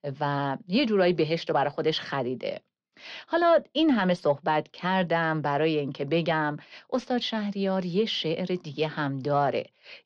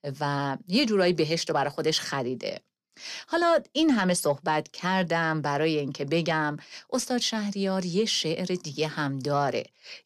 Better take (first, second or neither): second